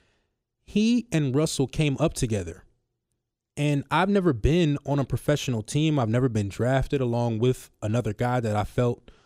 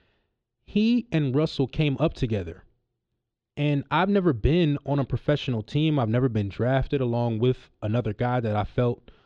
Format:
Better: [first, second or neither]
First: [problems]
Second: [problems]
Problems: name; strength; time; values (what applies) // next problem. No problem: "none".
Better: first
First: none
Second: muffled; slightly; fading above 4 kHz